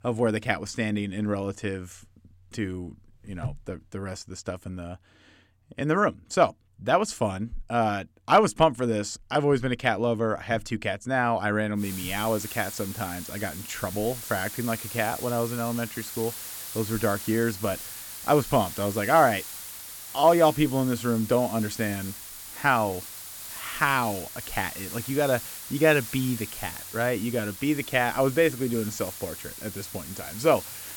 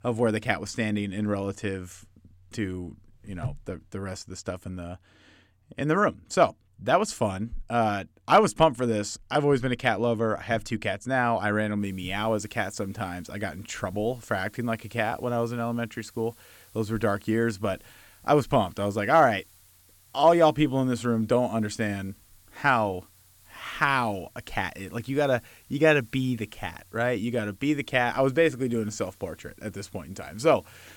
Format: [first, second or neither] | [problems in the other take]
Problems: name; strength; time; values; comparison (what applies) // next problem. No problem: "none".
second | hiss; loud; from 12 s on; 10 dB below the speech; faint in the second